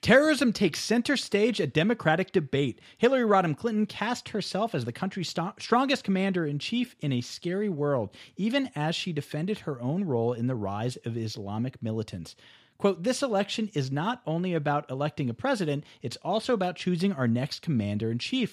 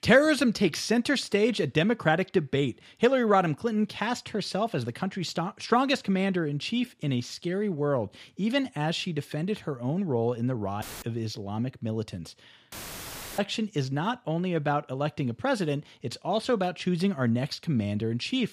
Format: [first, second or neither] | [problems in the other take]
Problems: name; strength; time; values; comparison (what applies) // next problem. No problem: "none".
first | audio cutting out; filled with static; at 11 s and at 13 s for 0.5 s